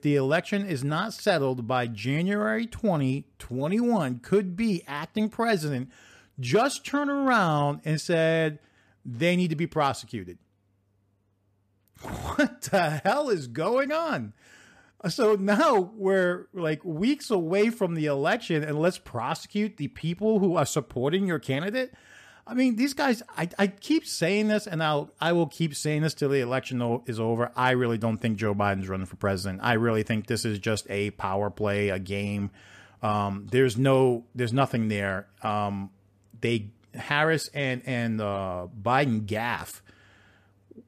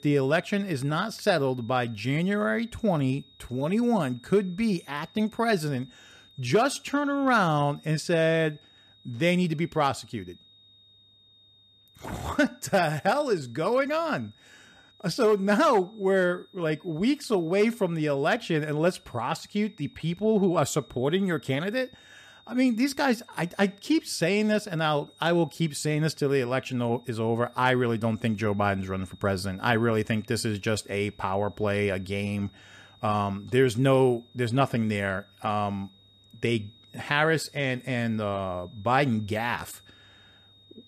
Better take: first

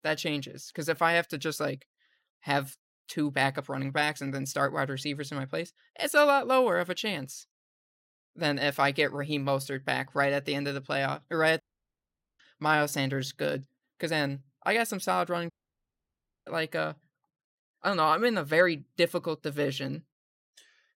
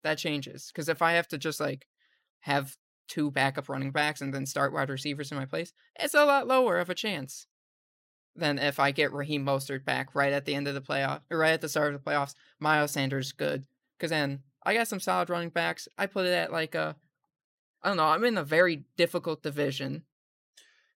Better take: second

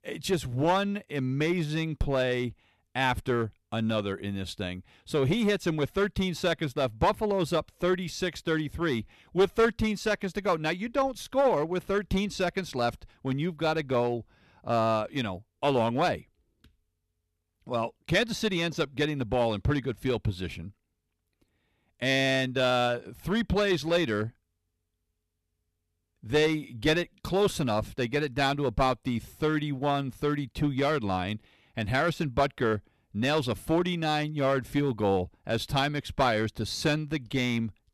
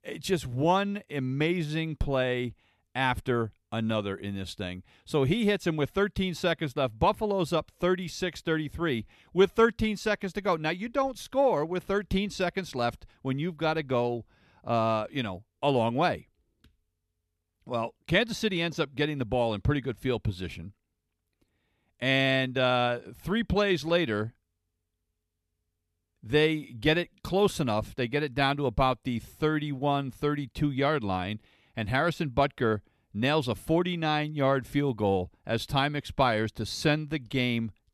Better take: second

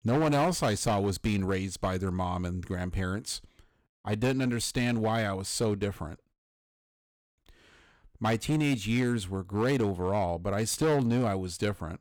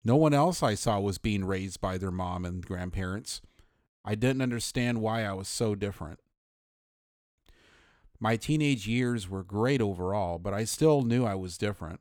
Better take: second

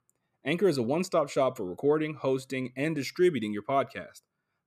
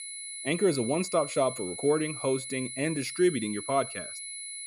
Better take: first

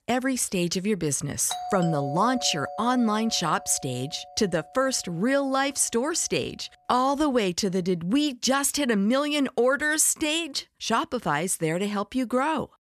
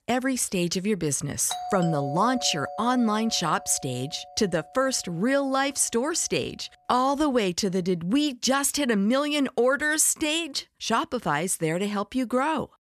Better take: neither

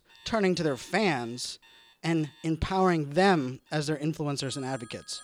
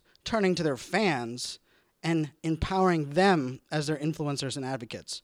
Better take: second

